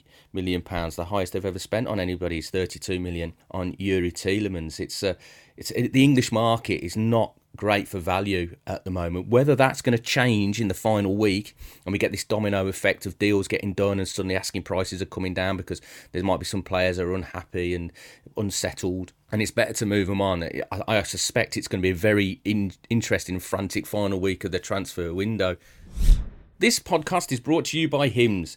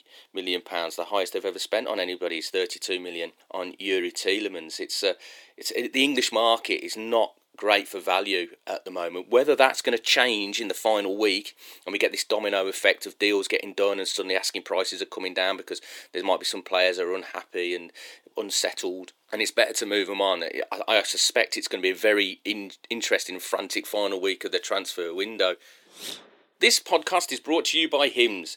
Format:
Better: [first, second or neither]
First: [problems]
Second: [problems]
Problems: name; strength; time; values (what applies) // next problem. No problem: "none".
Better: first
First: none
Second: thin; somewhat; fading below 350 Hz